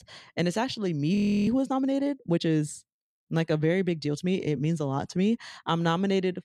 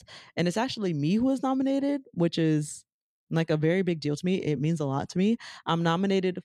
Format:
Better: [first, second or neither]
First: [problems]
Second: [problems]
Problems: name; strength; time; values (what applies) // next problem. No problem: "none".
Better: second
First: audio freezing; at 1 s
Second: none